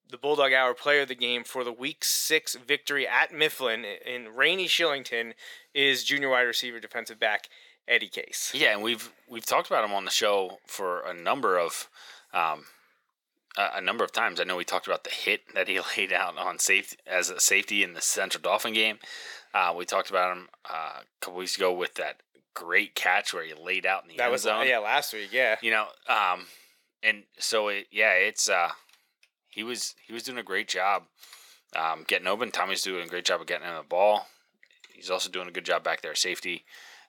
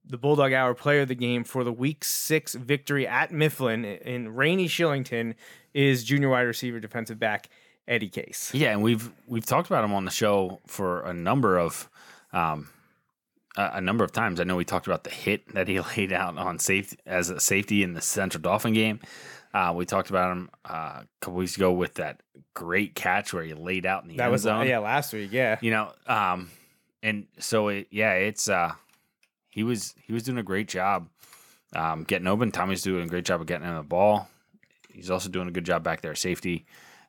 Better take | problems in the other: second | thin; very; fading below 500 Hz

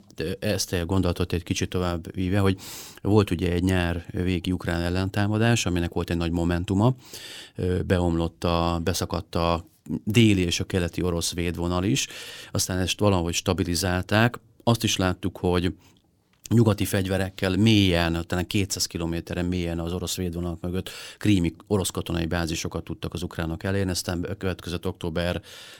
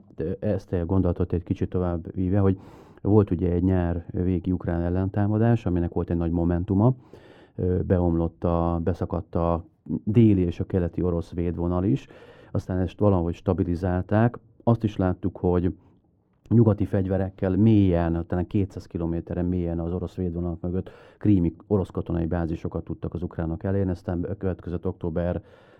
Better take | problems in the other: first | muffled; very; fading above 2 kHz

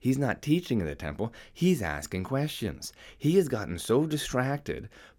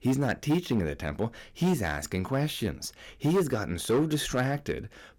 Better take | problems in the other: first | distortion; slight; 6% of the sound clipped

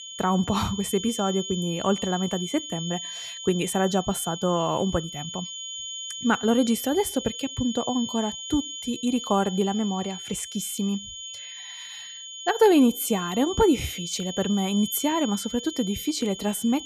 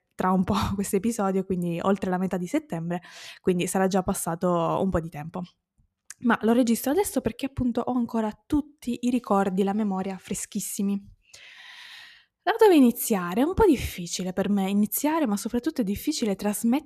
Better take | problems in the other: second | high-pitched whine; loud; throughout; 3 kHz, 9 dB below the speech

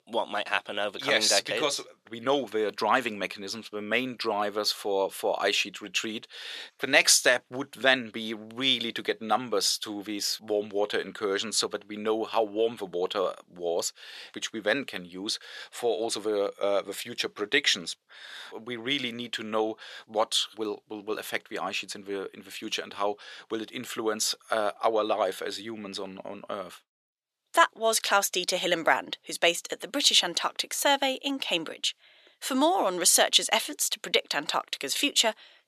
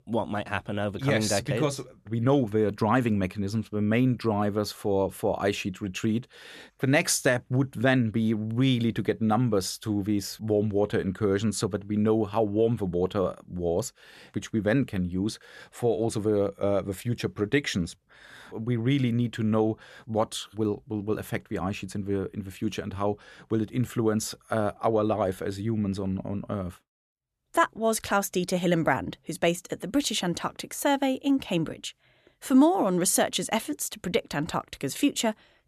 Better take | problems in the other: second | thin; somewhat; fading below 500 Hz

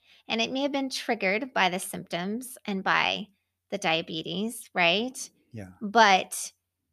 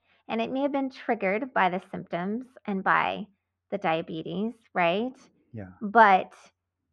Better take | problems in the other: first | muffled; very; fading above 1.5 kHz

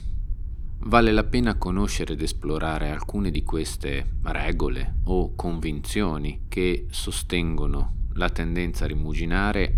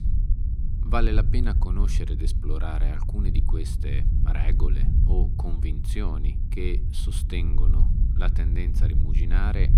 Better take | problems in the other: first | low rumble; loud; throughout; 6 dB below the speech; faint in the first

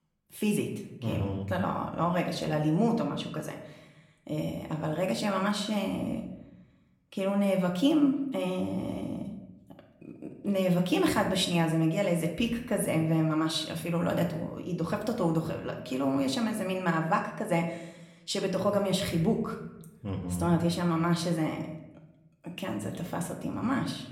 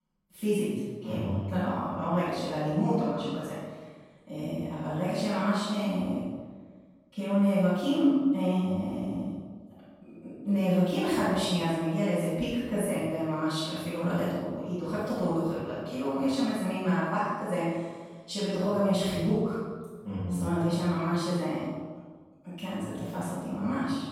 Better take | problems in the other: first | room echo; strong; dies away in 1.3 s; slight in the first // off-mic speech; far; somewhat distant in the first

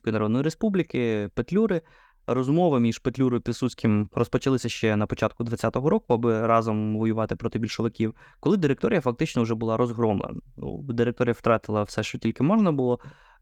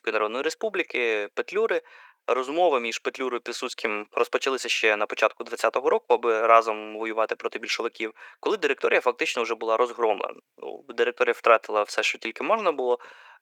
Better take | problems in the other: first | thin; very; fading below 450 Hz

